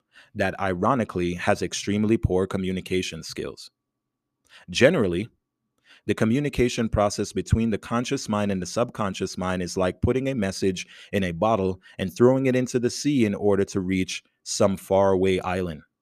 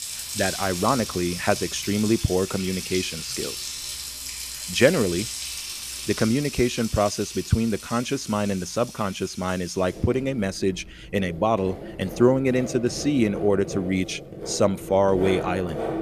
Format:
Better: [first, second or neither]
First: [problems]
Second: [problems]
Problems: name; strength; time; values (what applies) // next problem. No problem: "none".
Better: first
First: none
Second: household noises; loud; throughout; 8 dB below the speech